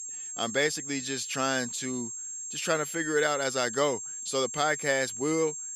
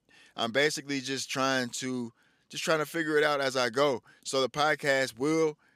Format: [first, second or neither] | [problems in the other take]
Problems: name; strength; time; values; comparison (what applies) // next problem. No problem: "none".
second | high-pitched whine; loud; throughout; 7.5 kHz, 6 dB below the speech